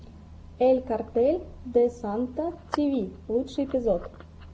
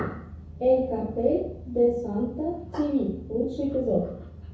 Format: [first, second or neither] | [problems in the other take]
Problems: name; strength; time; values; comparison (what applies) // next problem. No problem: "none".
first | room echo; dies away in 0.6 s